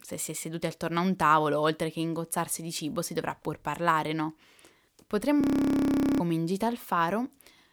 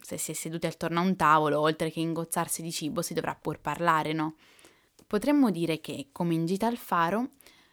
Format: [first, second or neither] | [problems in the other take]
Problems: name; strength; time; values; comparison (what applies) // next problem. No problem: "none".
second | audio freezing; at 5.5 s for 1 s